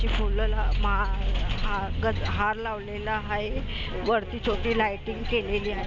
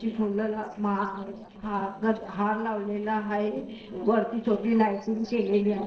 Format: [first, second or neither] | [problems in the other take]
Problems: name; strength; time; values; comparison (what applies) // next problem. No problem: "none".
first | noise reduction (neural separator model SepFormer DNS4)